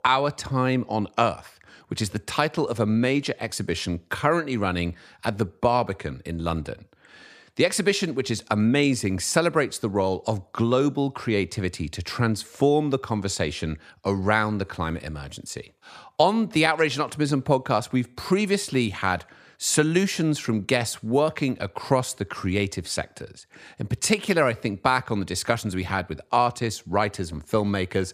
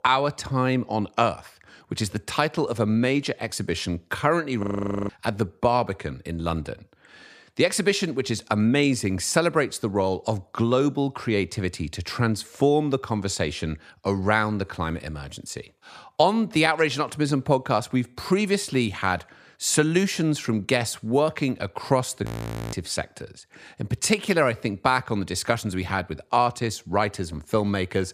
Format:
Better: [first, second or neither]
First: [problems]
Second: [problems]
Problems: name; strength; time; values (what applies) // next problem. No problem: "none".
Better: first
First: none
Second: audio freezing; at 4.5 s and at 22 s